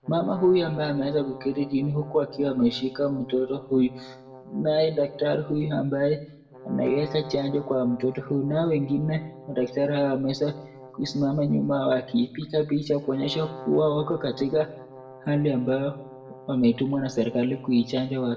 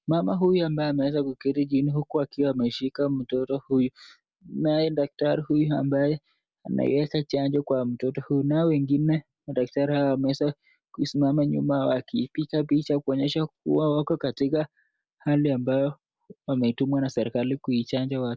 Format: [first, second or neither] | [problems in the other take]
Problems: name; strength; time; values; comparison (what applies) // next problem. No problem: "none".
second | background sound (Brass instrument); 18 dB below the speech // room echo; dies away in 0.5 s